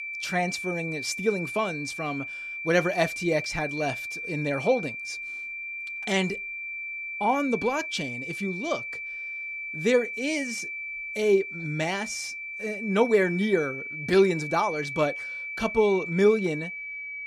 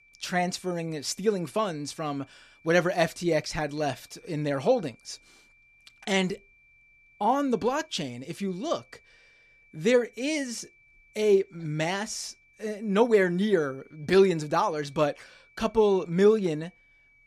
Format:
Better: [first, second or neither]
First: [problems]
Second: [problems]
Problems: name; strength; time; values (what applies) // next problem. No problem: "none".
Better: second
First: high-pitched whine; loud; throughout; 2.5 kHz, 6 dB below the speech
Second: high-pitched whine; faint; throughout; 2.5 kHz, 30 dB below the speech